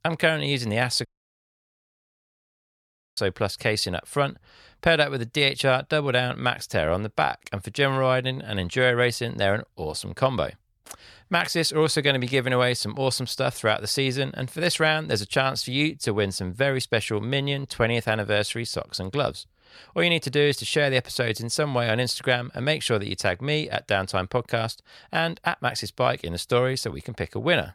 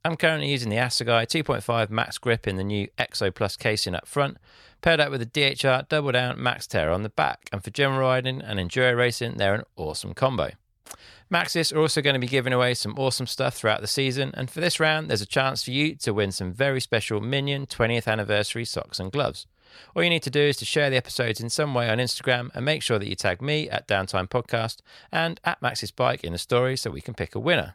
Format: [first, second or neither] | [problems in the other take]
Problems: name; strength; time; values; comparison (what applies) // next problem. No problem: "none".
second | audio cutting out; at 1 s for 2 s